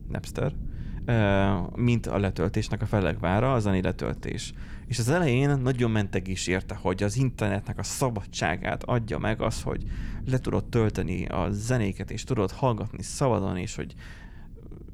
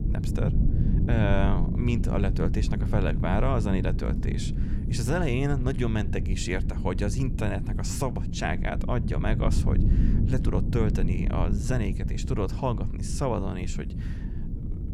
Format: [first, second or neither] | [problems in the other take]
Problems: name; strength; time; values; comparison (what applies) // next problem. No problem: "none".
first | low rumble; loud; throughout; 8 dB below the speech; faint in the first